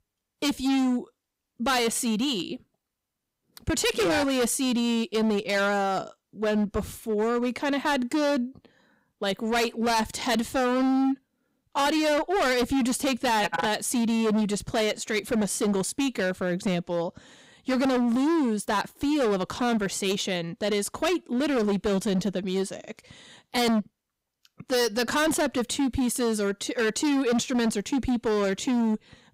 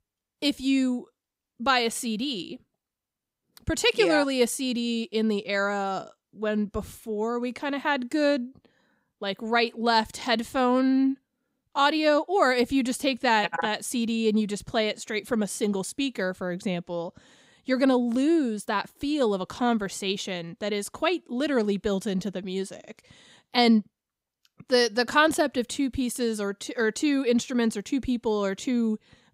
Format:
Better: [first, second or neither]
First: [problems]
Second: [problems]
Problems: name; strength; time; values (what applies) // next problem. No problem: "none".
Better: second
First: distortion; heavy; 19% of the sound clipped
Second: none